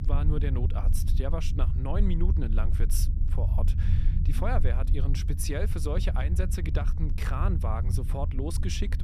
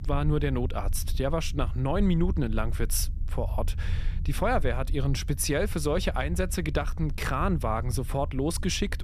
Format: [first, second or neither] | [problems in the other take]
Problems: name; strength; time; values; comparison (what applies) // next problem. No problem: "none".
second | low rumble; loud; throughout; 8 dB below the speech; faint in the second